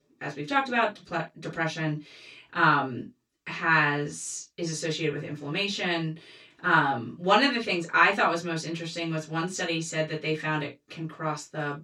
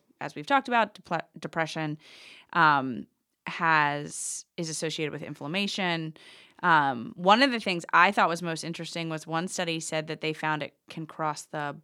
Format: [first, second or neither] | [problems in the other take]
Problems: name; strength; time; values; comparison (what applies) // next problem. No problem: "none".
second | room echo; very slight; dies away in 0.1 s // off-mic speech; far